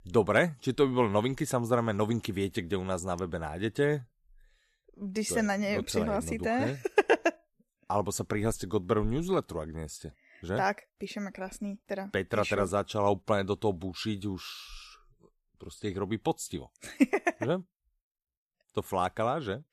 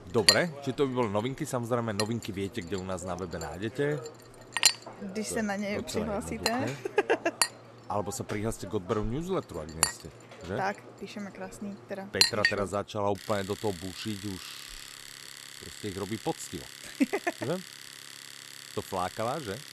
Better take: first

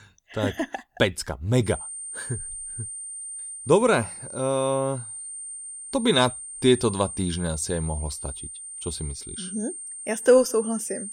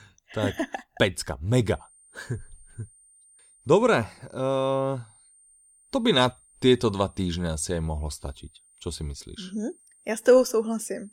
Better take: second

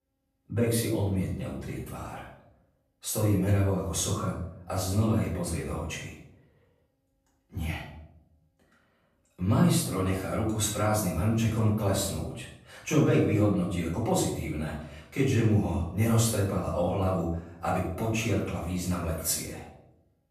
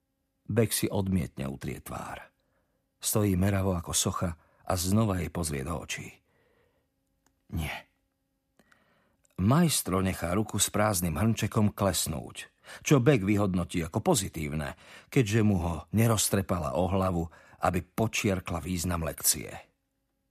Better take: second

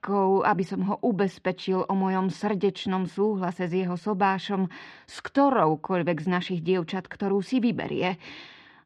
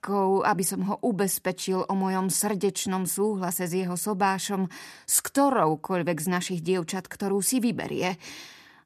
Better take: second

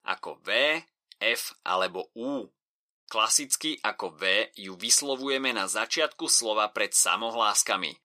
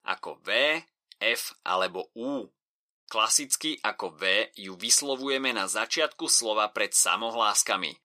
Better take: neither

